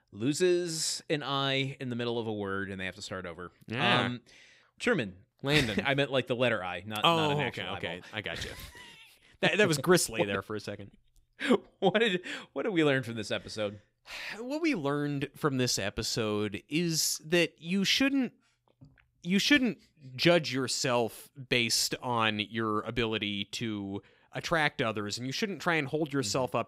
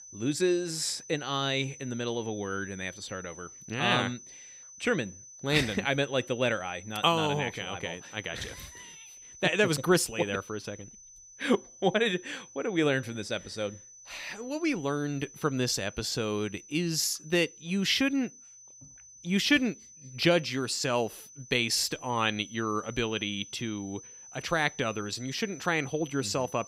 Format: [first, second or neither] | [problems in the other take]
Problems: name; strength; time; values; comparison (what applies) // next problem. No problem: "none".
first | high-pitched whine; noticeable; throughout; 6 kHz, 20 dB below the speech